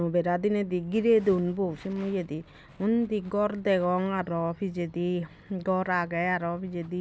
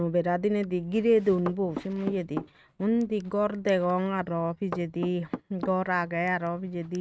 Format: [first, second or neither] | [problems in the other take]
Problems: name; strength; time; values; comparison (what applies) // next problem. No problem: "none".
first | noise reduction (neural mask model RNNoise)